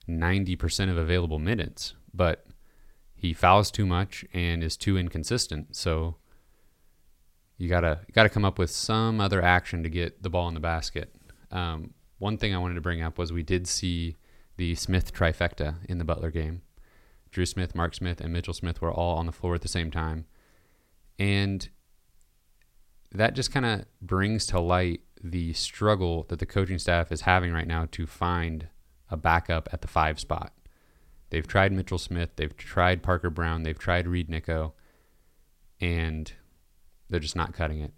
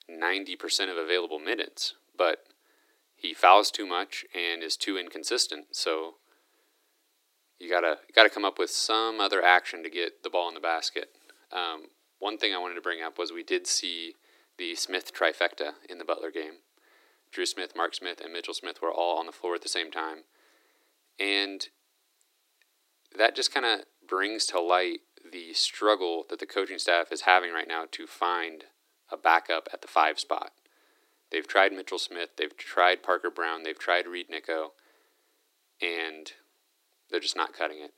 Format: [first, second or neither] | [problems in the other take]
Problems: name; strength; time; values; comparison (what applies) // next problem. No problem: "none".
first | thin; very; fading below 300 Hz